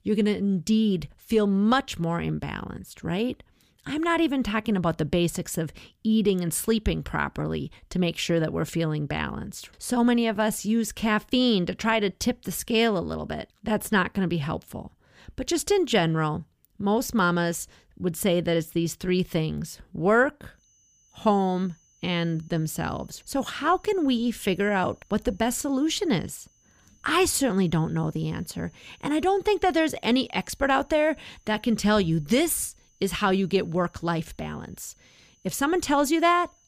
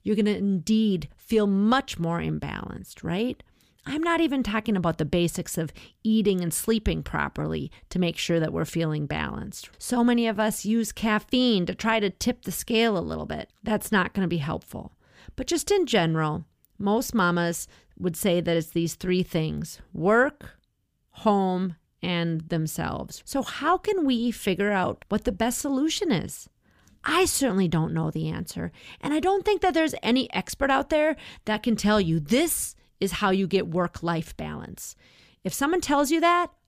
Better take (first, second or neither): second